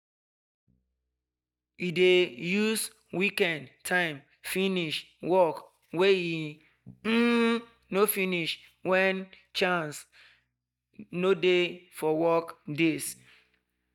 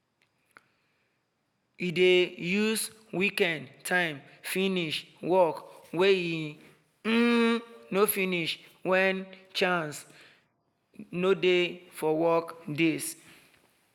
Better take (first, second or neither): second